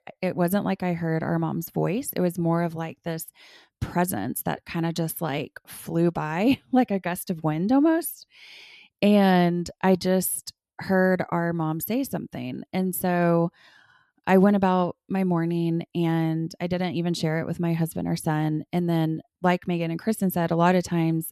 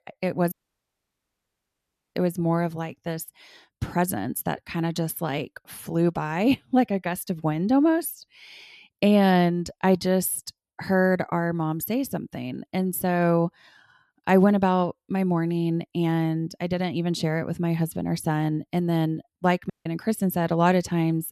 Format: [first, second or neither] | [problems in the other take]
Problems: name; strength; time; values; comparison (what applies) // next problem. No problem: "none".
first | audio cutting out; at 0.5 s for 1.5 s and at 20 s